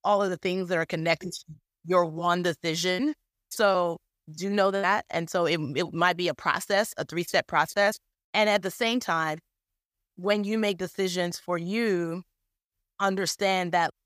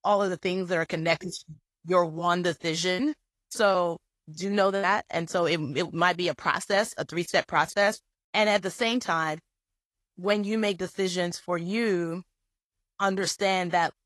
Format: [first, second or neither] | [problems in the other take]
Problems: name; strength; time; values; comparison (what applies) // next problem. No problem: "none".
first | garbled, watery; slightly; nothing above 11.5 kHz